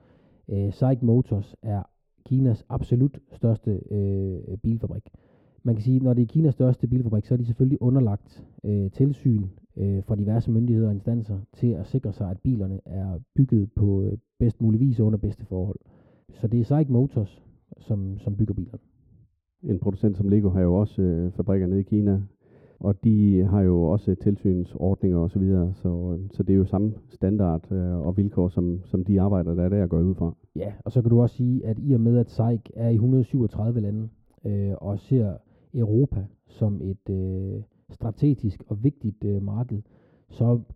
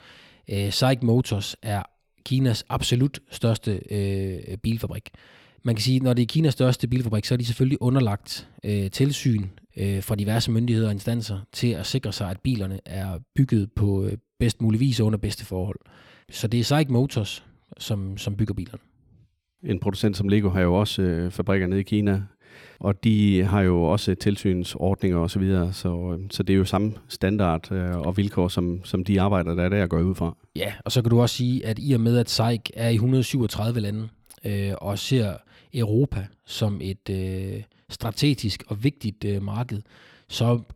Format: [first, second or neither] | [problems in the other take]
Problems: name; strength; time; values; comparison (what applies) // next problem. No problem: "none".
second | muffled; very; fading above 1 kHz